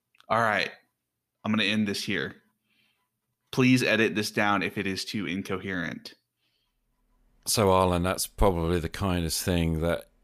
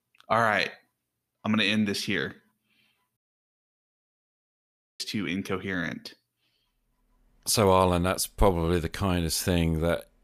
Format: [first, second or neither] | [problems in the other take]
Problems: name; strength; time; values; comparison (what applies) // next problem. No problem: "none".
first | audio cutting out; at 3 s for 2 s